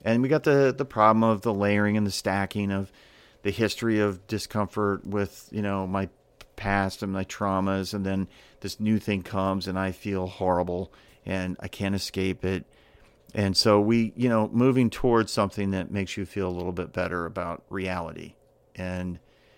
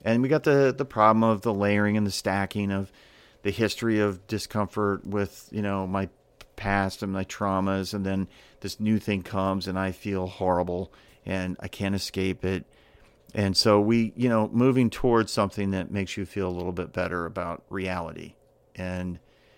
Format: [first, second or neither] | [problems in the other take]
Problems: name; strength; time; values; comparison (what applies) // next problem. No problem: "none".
neither | none